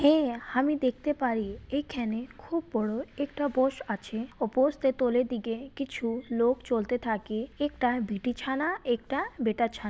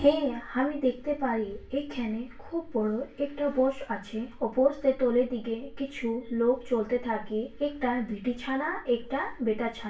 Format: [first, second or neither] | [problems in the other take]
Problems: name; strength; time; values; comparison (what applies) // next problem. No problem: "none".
first | room echo; dies away in 0.3 s